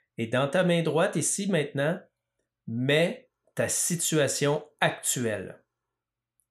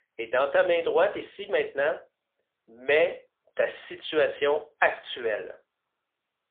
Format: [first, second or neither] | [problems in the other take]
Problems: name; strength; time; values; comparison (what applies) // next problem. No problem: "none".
first | phone-call audio; poor line; nothing above 3.5 kHz